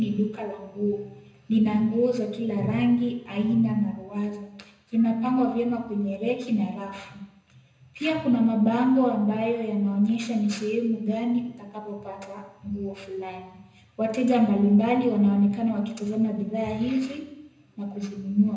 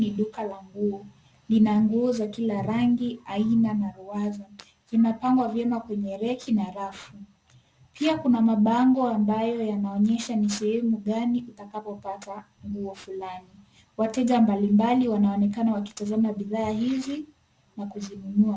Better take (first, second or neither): second